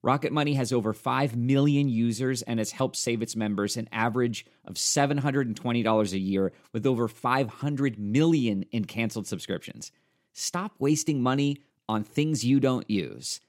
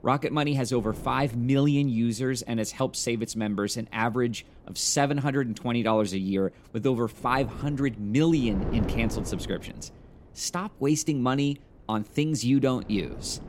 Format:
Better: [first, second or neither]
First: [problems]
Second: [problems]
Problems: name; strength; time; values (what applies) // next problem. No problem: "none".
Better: first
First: none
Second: wind noise on the microphone; occasional gusts; 15 dB below the speech